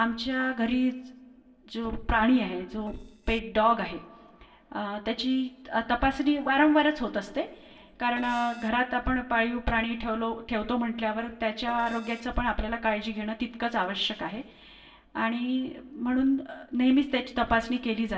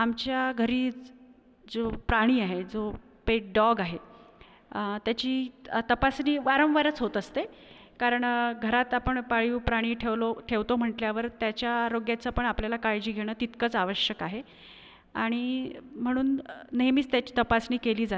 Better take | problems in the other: second | noise reduction (neural separator model SepFormer DNS4)

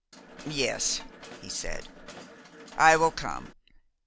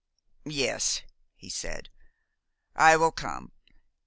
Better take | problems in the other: second | background sound (Mechanisms); 18 dB below the speech

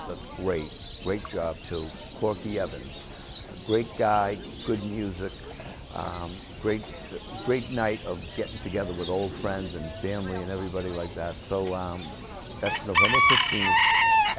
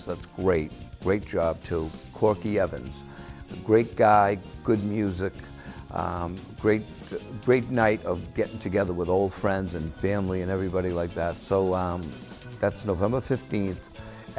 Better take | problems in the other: second | background sound (Bird / Chicken, rooster); 1 dB above the speech

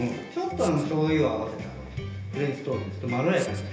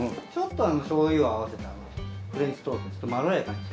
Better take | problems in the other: second | background sound (Writing); 19 dB below the speech // room echo; dies away in 1.4 s

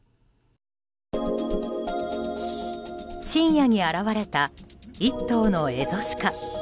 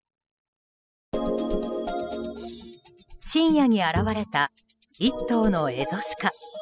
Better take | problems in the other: first | noise reduction (classical method spectral subtraction)

